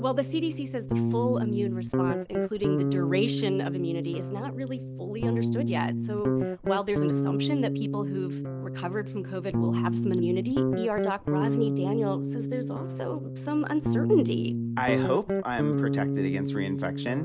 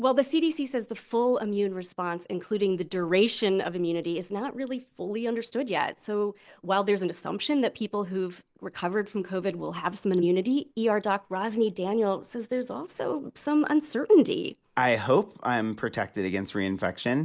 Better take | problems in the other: second | background sound (Guitar); 2 dB above the speech

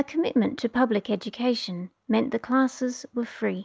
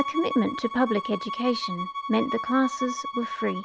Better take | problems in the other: first | background sound (Bowed string instrument); 6 dB below the speech

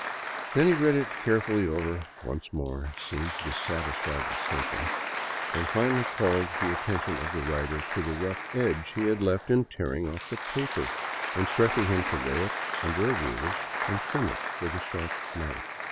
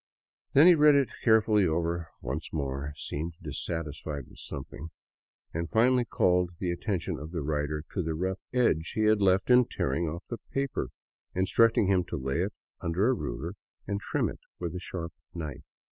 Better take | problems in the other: second | background sound (Applause); 4 dB below the speech

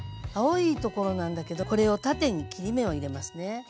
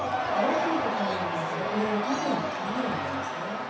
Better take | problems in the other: first | background sound (Crowd / Cheering); 3 dB above the speech // room echo; dies away in 0.7 s

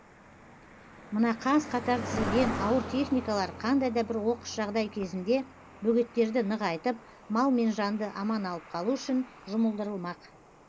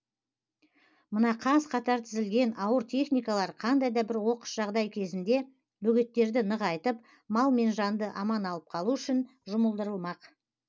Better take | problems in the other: second | background sound (Cricket); 12 dB below the speech

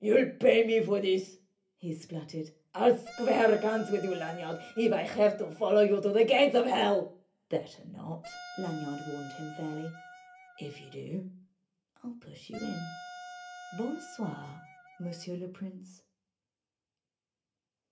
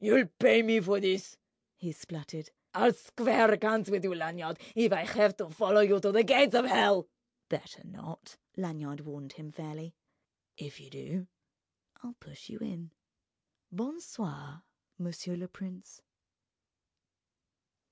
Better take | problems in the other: second | background sound (Wind instrument, woodwind instrument); 17 dB below the speech // room echo; dies away in 0.3 s

